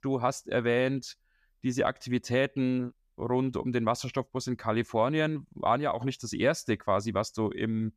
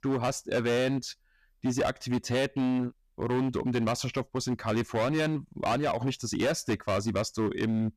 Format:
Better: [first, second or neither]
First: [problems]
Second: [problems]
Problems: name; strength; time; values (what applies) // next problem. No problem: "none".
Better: first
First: none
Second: distortion; heavy; 15% of the sound clipped